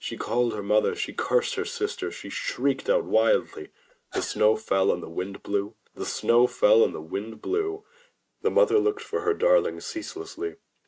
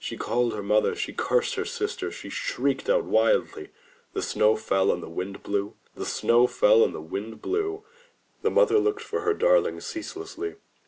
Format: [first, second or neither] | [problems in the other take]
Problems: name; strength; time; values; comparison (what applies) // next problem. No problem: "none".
second | noise reduction (neural mask model RNNoise)